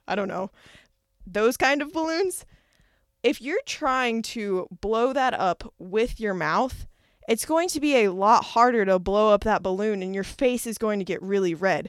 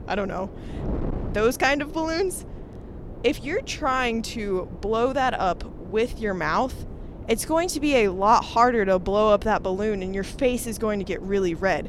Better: first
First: none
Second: wind noise on the microphone; occasional gusts; 20 dB below the speech

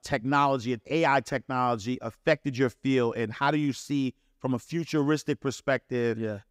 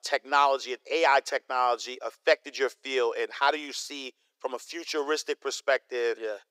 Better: first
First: none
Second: thin; very; fading below 400 Hz

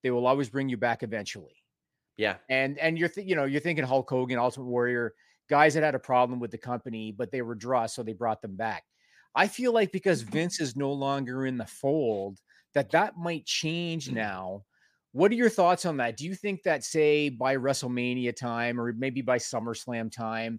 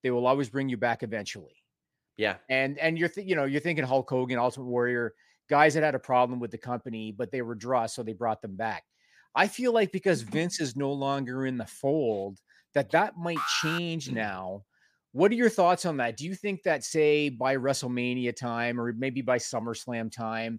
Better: first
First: none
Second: alarm; noticeable; at 13 s; peak 3 dB below the speech

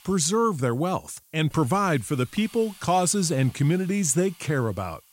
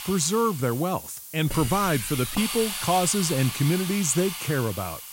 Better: first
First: hiss; faint; throughout; 25 dB below the speech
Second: hiss; loud; throughout; 7 dB below the speech

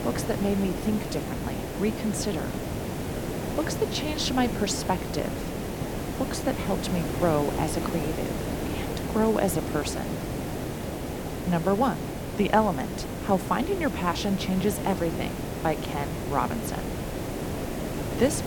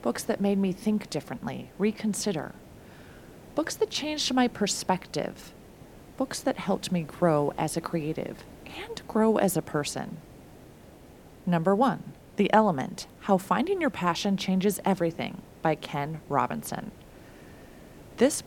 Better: second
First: hiss; loud; throughout; 3 dB below the speech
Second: hiss; faint; throughout; 20 dB below the speech

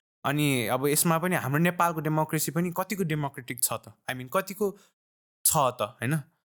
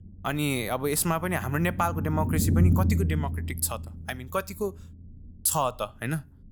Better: first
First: none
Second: low rumble; loud; throughout; 9 dB below the speech

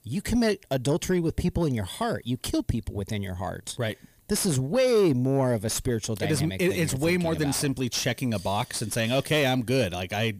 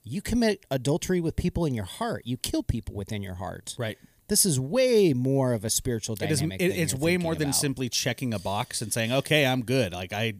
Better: second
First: distortion; slight; 10 dB below the speech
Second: none

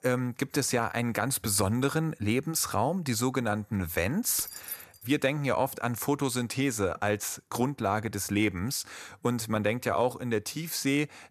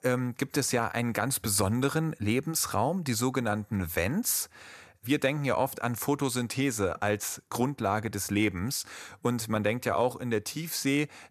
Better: second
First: jangling keys; noticeable; at 4.5 s; peak 7 dB below the speech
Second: none

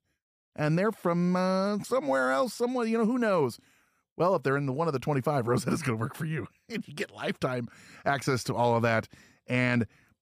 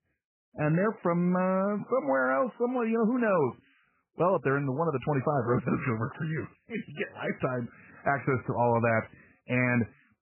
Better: first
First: none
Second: garbled, watery; badly; nothing above 2.5 kHz

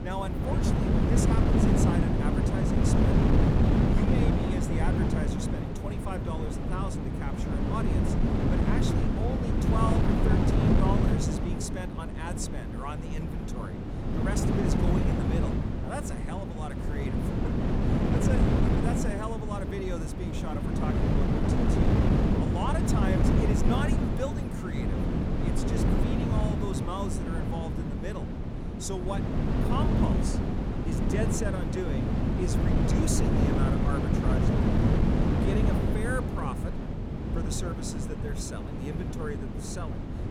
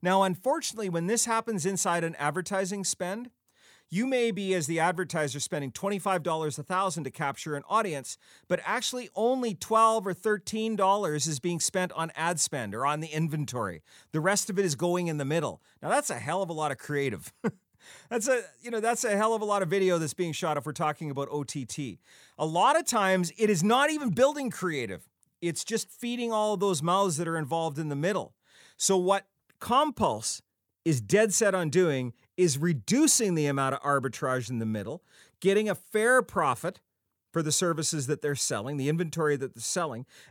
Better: second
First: wind noise on the microphone; heavy; 4 dB above the speech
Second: none

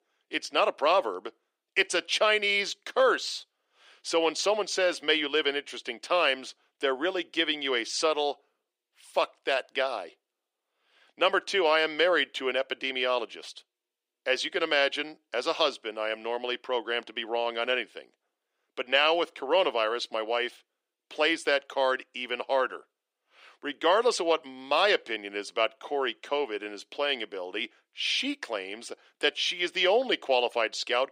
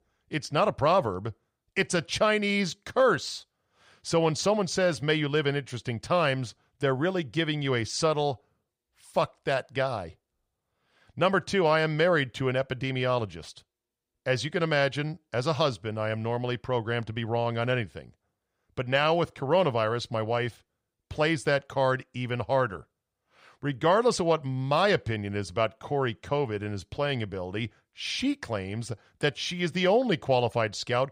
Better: second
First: thin; somewhat; fading below 300 Hz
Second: none

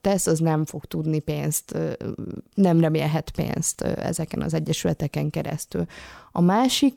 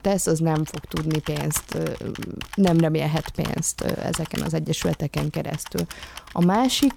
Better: first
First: none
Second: keyboard typing; noticeable; peak 9 dB below the speech

